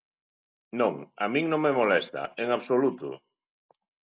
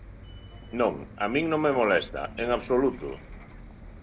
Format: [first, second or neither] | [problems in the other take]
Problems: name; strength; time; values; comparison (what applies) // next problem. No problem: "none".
first | background sound (Bus); 15 dB below the speech